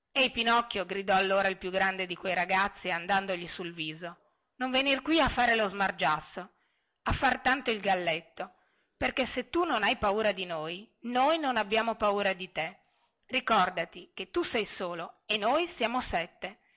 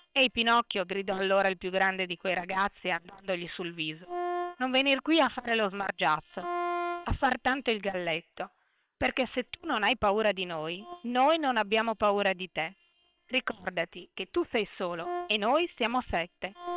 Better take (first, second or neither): first